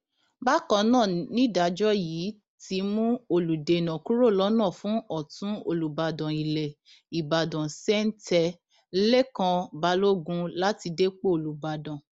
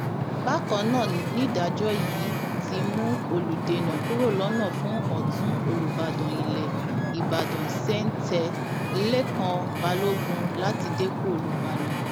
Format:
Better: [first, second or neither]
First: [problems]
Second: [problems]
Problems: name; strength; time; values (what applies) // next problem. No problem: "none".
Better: first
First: none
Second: background sound (Wind / Ocean); 1 dB above the speech